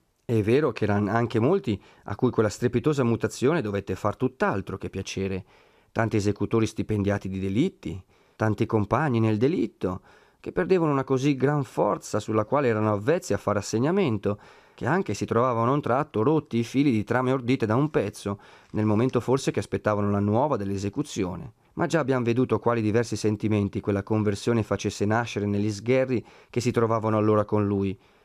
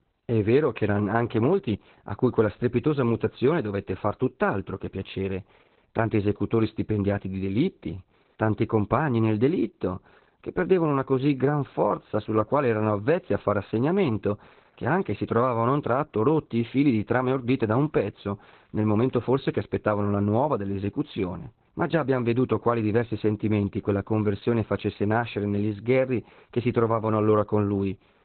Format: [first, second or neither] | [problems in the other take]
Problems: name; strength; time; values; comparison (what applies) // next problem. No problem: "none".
first | garbled, watery; badly; nothing above 4 kHz